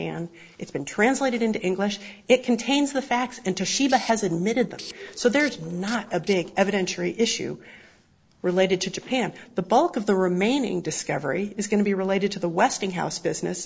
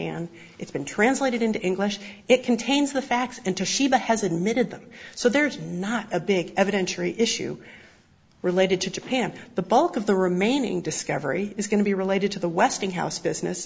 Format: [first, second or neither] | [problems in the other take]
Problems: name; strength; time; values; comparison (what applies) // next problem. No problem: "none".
second | noise reduction (neural separator model SepFormer DNS4)